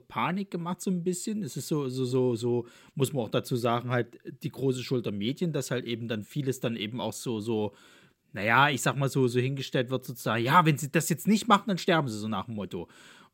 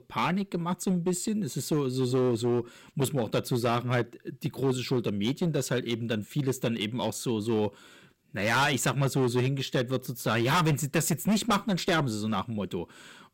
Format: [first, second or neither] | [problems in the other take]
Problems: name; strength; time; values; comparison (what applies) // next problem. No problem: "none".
first | distortion; heavy; 9% of the sound clipped